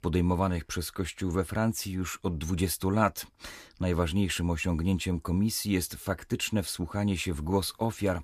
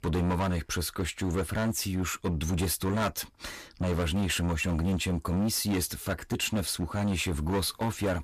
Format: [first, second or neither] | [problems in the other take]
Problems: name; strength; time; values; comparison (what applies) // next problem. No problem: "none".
first | distortion; heavy; 17% of the sound clipped